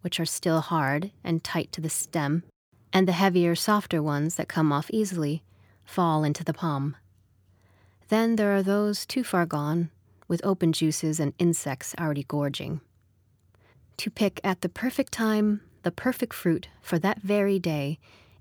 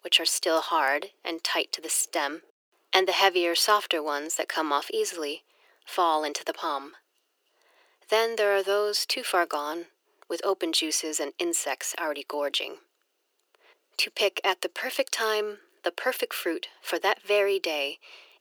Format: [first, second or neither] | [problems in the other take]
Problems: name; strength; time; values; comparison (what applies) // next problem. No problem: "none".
first | thin; very; fading below 400 Hz